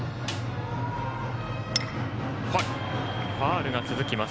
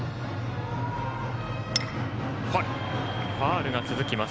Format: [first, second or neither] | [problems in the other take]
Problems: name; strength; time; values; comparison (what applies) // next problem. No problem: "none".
second | background sound (Snare drum); 17 dB below the speech